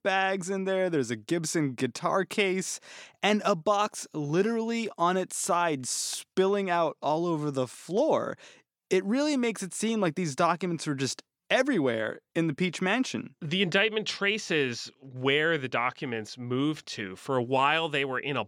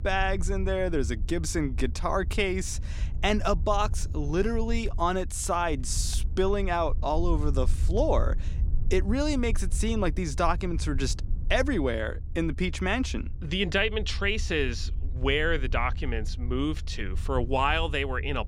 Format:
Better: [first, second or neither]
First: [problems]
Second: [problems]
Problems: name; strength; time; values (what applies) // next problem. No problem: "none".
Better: first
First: none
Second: low rumble; faint; throughout; 20 dB below the speech